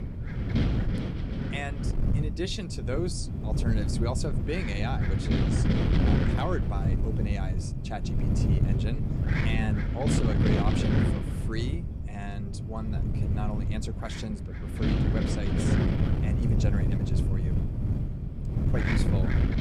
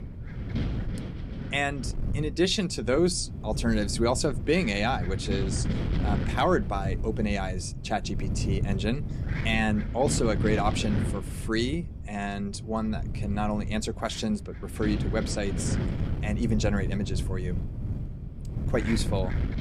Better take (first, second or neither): second